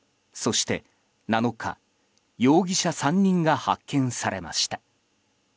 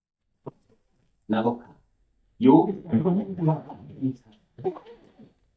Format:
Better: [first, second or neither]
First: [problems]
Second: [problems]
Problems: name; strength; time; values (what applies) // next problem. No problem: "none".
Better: first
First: none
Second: noise reduction (neural mask model DeepFilterNet 3)